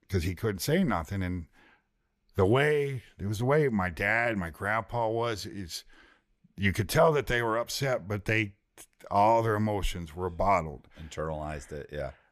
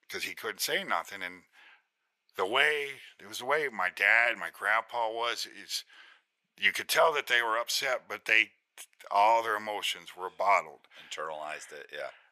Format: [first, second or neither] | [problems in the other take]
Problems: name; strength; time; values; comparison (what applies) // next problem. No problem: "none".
first | thin; very; fading below 750 Hz